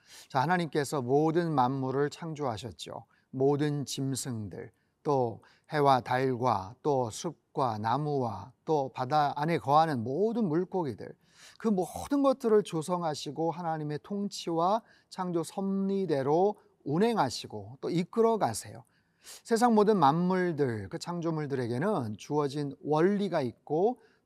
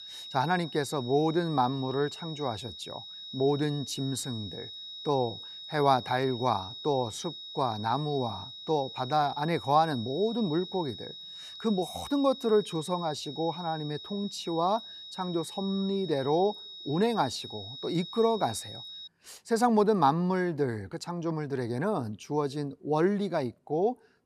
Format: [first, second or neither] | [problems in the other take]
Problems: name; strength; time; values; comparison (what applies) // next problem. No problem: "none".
first | high-pitched whine; noticeable; until 19 s; 4 kHz, 10 dB below the speech